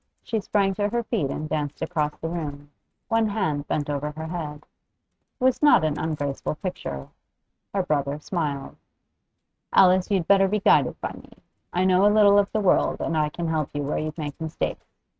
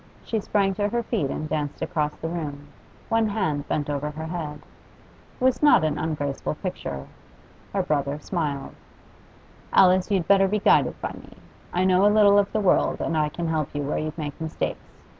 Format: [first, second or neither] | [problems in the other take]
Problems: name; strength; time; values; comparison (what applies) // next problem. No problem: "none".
second | noise reduction (neural mask model RNNoise)